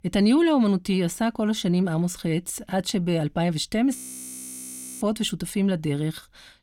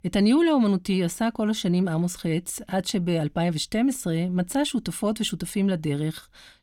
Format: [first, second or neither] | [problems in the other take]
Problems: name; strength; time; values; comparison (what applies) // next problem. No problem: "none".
second | audio freezing; at 4 s for 1 s